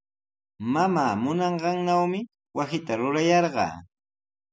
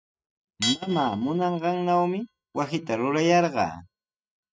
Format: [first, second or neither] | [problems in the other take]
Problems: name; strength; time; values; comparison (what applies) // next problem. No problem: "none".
first | noise reduction (neural mask model RNNoise)